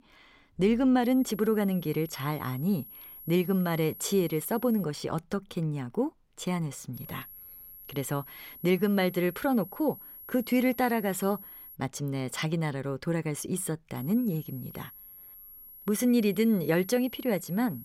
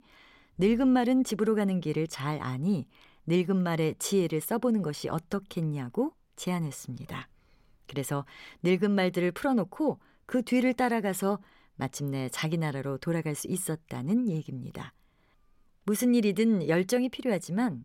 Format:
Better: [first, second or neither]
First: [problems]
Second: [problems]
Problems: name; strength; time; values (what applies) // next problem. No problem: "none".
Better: second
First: high-pitched whine; noticeable; from 1 to 5 s, from 7 to 12 s and from 14 s on; 11.5 kHz, 15 dB below the speech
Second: none